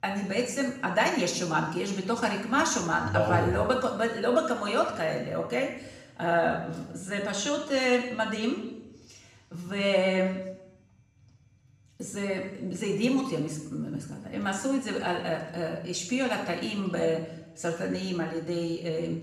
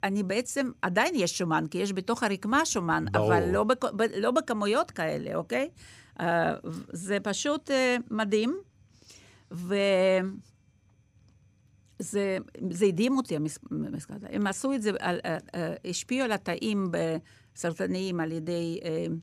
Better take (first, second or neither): second